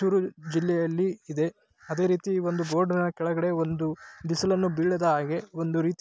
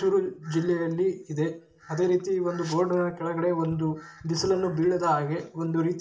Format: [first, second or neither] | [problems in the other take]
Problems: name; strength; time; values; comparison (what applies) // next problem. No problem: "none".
first | room echo; dies away in 0.4 s